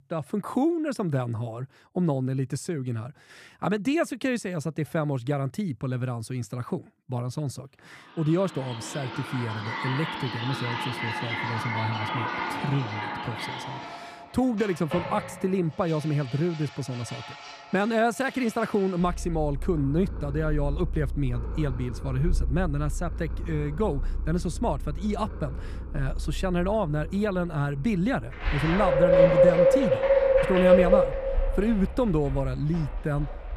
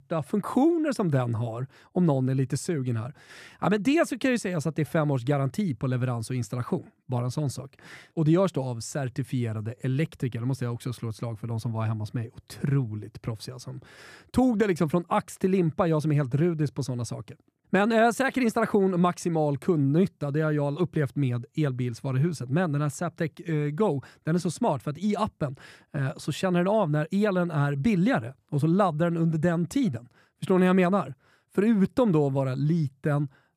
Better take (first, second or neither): second